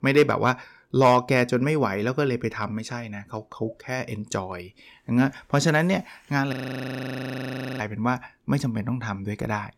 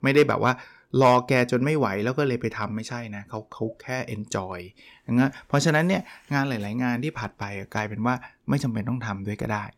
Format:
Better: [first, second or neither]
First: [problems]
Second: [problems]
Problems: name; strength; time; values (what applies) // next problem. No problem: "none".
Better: second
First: audio freezing; at 6.5 s for 1.5 s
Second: none